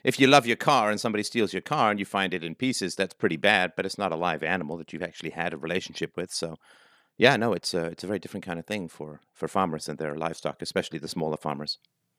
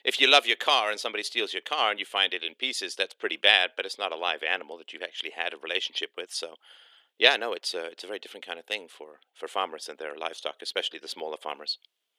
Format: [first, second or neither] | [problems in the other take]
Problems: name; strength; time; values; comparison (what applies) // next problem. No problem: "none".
first | thin; very; fading below 400 Hz